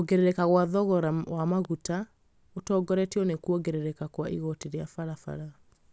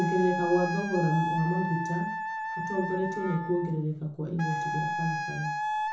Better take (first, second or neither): first